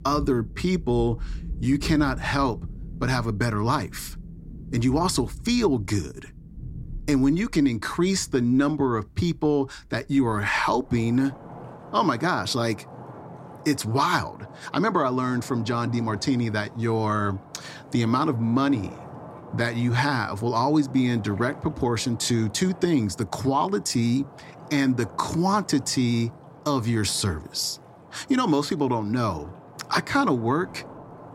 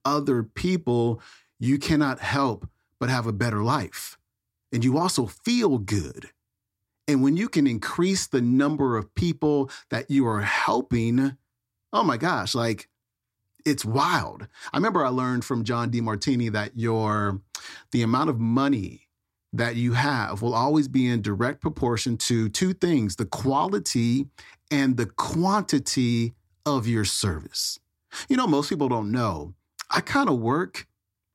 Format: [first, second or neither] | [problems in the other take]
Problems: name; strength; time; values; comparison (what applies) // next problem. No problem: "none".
second | rain or running water; noticeable; throughout; 15 dB below the speech